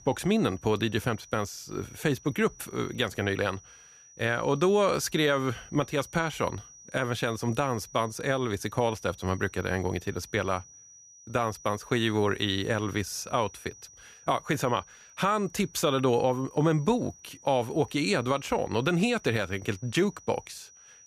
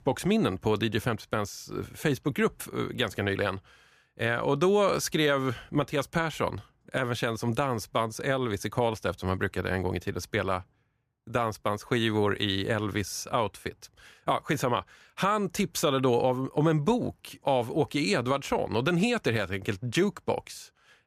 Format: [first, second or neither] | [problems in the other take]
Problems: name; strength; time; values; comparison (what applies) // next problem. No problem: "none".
second | high-pitched whine; faint; throughout; 6 kHz, 20 dB below the speech